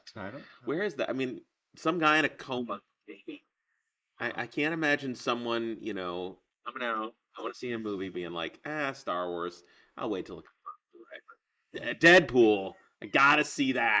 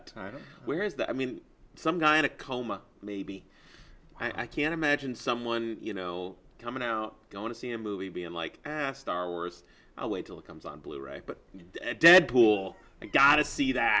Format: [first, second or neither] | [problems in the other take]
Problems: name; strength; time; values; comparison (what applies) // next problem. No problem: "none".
second | noise reduction (neural mask model Resemble Enhance denoiser)